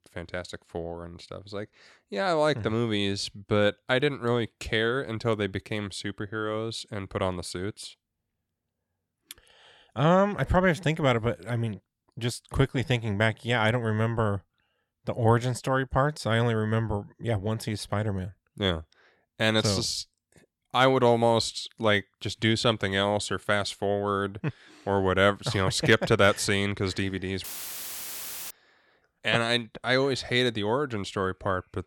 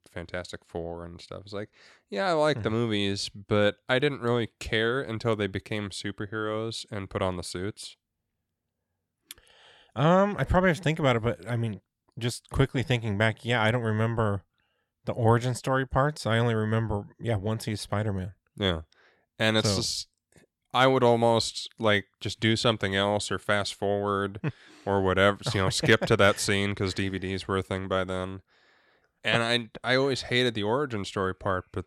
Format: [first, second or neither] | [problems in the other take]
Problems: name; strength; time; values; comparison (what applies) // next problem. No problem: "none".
second | audio cutting out; filled with static; at 27 s for 1 s